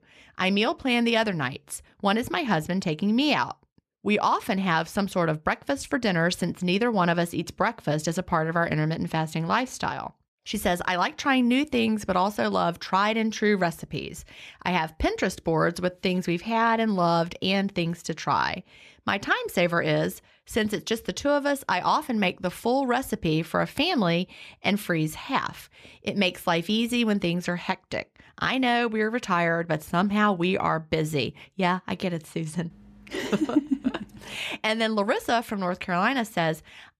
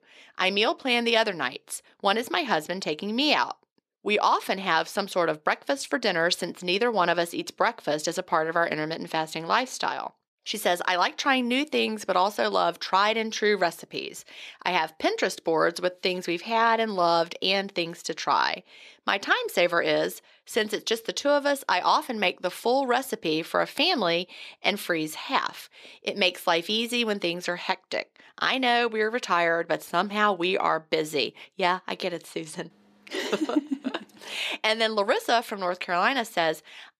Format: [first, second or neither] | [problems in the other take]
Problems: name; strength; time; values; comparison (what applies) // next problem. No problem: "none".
first | thin; somewhat; fading below 400 Hz